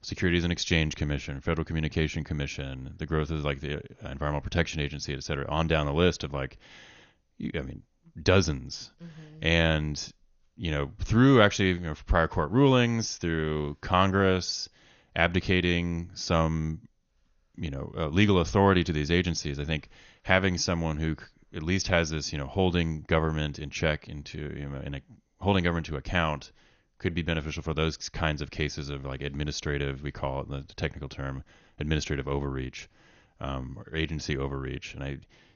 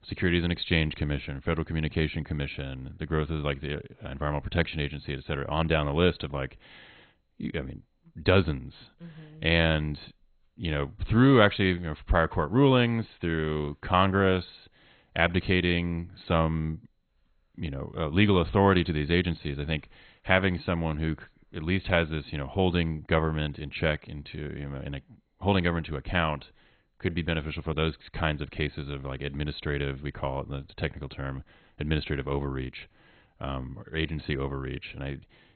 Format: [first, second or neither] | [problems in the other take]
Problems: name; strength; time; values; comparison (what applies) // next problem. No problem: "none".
first | garbled, watery; badly; nothing above 4 kHz; slightly in the first